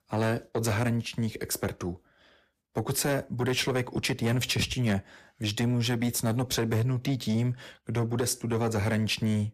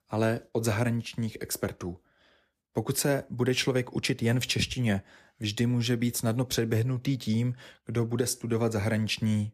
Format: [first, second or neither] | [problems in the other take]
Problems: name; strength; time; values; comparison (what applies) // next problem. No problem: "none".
second | distortion; slight; 10 dB below the speech